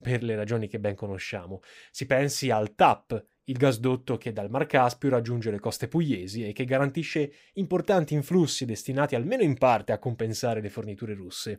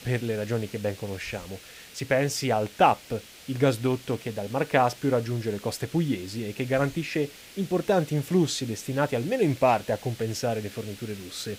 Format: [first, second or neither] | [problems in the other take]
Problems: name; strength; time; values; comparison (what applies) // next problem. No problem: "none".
first | hiss; noticeable; throughout; 20 dB below the speech